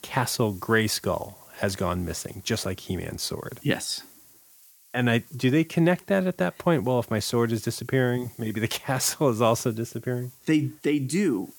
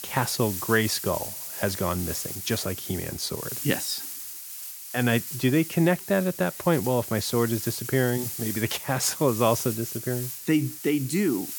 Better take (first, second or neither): first